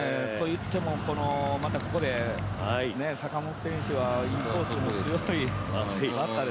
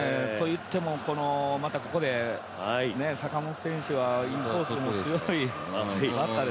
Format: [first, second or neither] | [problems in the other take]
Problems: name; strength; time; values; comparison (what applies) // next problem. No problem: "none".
second | background sound (Bird); 4 dB below the speech